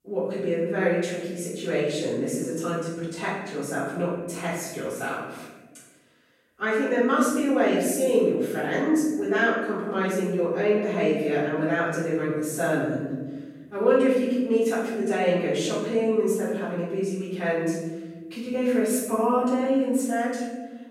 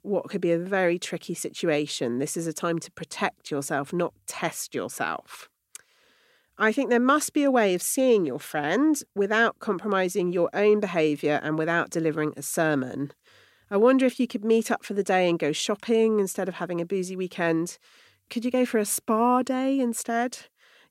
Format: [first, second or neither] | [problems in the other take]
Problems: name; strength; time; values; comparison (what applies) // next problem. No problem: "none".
second | off-mic speech; far // room echo; strong; dies away in 1.2 s